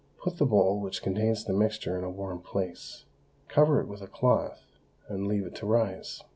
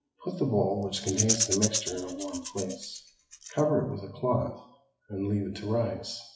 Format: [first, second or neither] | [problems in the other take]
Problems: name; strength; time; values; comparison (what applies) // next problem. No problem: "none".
first | noise reduction (classical method WPE with log-MMSE)